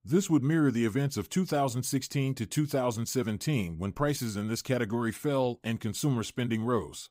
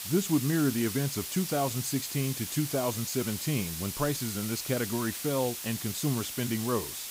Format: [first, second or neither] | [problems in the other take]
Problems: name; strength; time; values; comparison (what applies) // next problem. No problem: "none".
first | hiss; loud; throughout; 5 dB below the speech